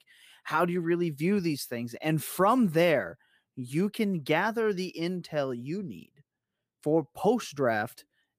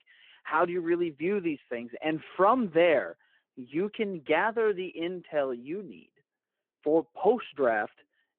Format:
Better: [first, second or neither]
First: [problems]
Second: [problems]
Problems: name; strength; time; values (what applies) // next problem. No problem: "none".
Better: first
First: none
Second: phone-call audio